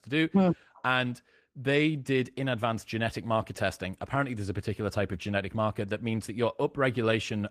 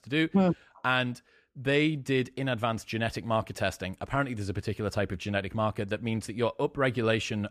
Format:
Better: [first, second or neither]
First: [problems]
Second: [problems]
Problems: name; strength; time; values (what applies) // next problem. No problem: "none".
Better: second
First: garbled, watery; slightly; nothing above 14.5 kHz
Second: none